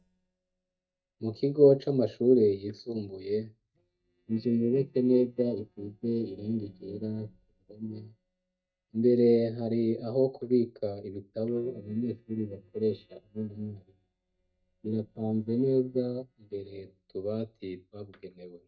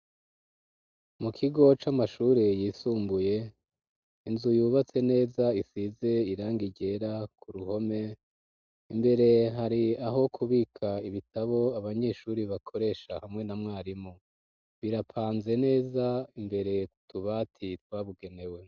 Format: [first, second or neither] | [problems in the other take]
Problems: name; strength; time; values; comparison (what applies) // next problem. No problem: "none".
second | noise reduction (neural mask model DeepFilterNet 3)